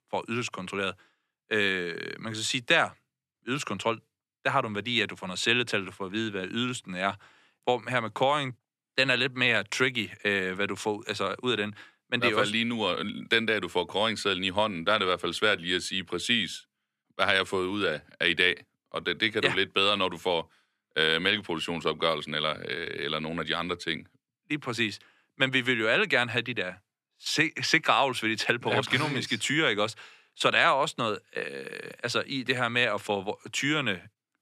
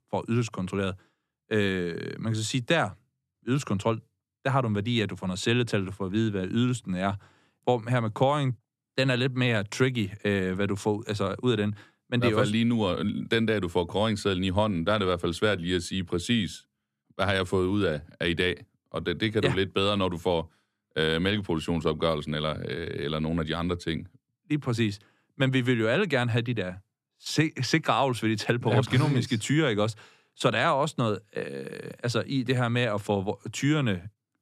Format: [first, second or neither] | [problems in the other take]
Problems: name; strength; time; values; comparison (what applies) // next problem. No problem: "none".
second | thin; somewhat; fading below 850 Hz